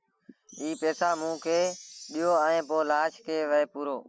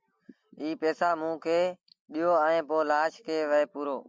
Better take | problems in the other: second | background sound (Chime); 19 dB below the speech

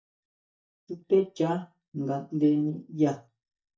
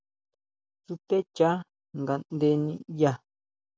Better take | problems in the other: second | noise reduction (neural mask model DeepFilterNet 3)

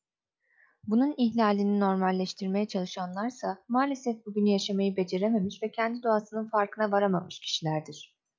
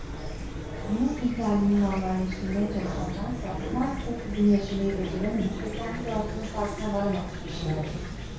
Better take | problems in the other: first | background sound (Chirp, tweet / Fowl); 5 dB below the speech // room echo; dies away in 0.6 s

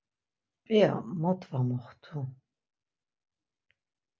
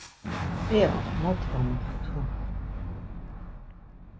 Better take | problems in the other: first | background sound (Boom); 1 dB below the speech

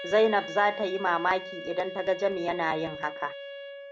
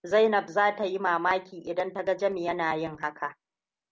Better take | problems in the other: second | background sound (Wind instrument, woodwind instrument); 11 dB below the speech

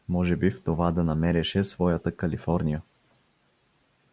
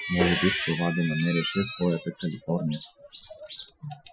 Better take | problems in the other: first | noise reduction (classical method Wiener filter)

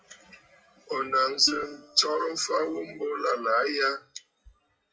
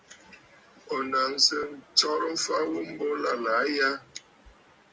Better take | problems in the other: second | noise reduction (classical method WPE with log-MMSE)

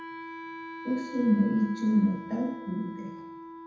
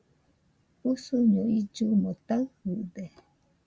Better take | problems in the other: second | background sound (Wind instrument, woodwind instrument); 12 dB below the speech // room echo; dies away in 0.8 s

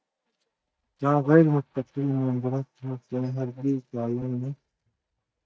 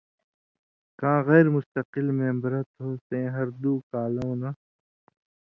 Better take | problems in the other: second | noise reduction (neural mask model DeepFilterNet 3)

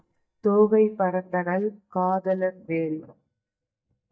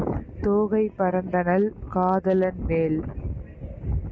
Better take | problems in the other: second | noise reduction (neural mask model DeepFilterNet 3)

